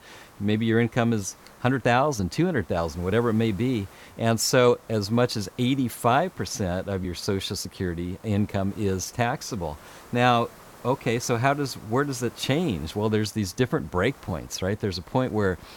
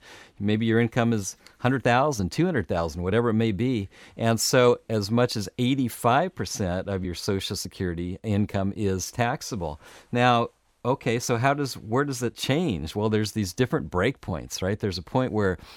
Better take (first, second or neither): second